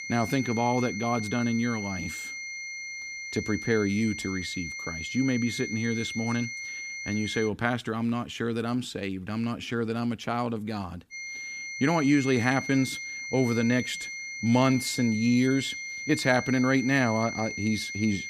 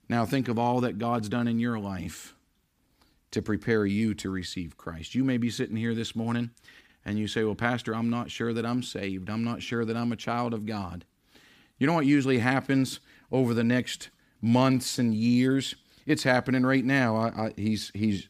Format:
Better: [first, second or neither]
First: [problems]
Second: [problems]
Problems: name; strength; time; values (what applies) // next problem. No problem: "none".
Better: second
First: high-pitched whine; loud; until 7.5 s and from 11 s on; 2 kHz, 7 dB below the speech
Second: none